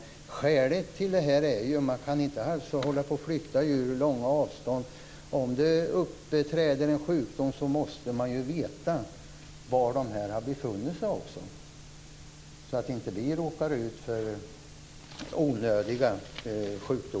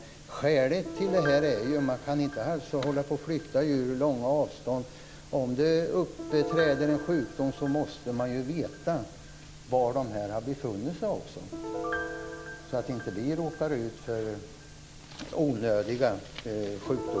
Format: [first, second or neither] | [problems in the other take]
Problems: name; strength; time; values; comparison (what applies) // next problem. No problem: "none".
first | background sound (Piano); 12 dB below the speech